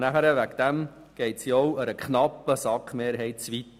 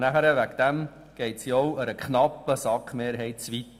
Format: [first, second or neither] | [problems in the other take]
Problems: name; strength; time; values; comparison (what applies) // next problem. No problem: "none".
first | room echo; dies away in 1 s